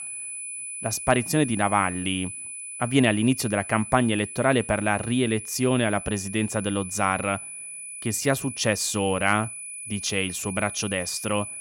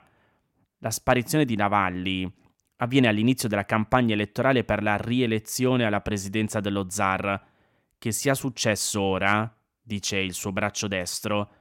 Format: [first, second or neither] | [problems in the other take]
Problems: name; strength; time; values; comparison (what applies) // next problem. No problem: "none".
second | high-pitched whine; loud; throughout; 10 kHz, 9 dB below the speech